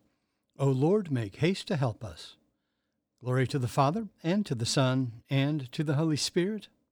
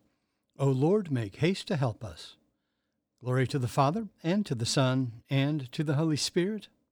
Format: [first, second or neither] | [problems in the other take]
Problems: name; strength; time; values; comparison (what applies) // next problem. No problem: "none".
neither | none